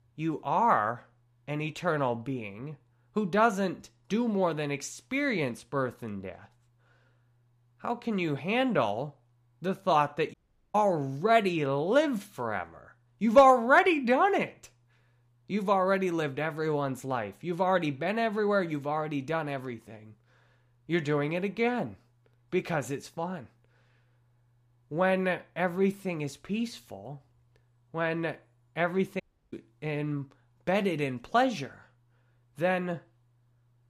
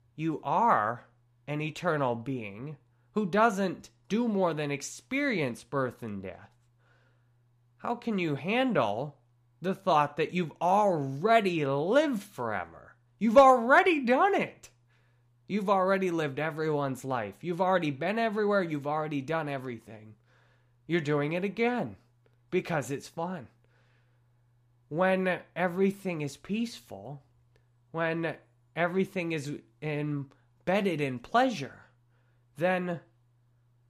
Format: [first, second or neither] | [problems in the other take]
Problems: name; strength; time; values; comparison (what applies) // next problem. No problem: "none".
second | audio cutting out; at 10 s and at 29 s